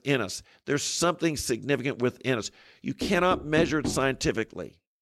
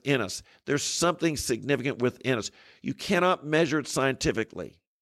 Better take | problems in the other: second | door banging; noticeable; from 3 to 4 s; peak 5 dB below the speech

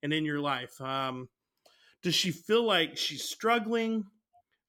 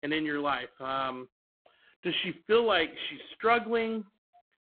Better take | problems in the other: first | phone-call audio; poor line

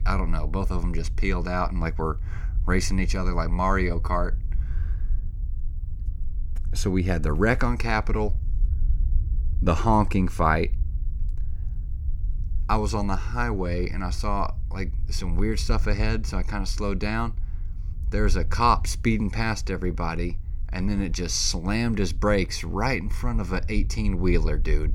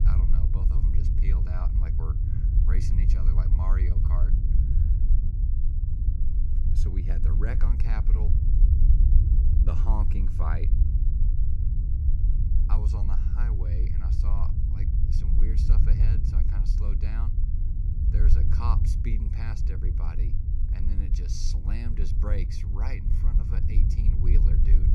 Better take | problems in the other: first | low rumble; loud; throughout; 1 dB below the speech; faint in the first

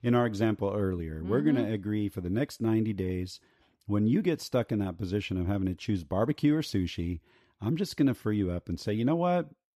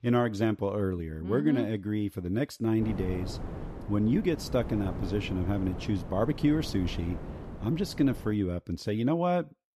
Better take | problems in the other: first | wind noise on the microphone; occasional gusts; from 3 to 8.5 s; 10 dB below the speech

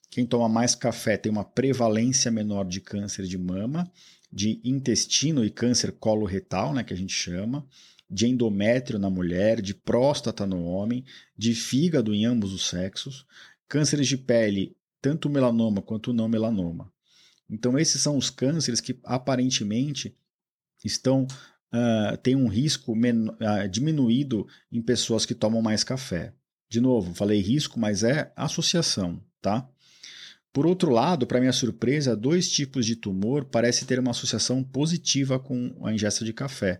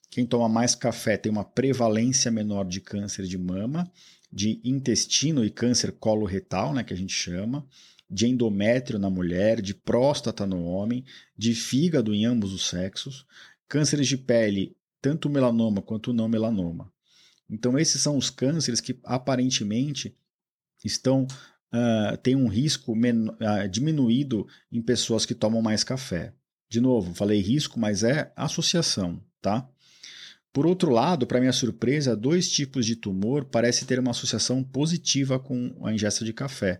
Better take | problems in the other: neither | none

